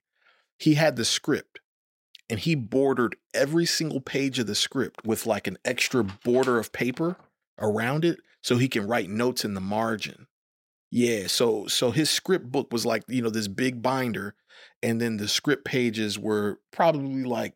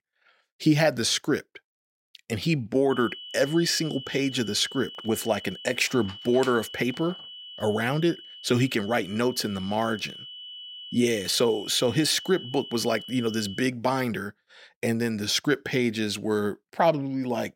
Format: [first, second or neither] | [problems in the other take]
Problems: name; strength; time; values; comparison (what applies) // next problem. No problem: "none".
first | high-pitched whine; noticeable; from 3 to 14 s; 3 kHz, 15 dB below the speech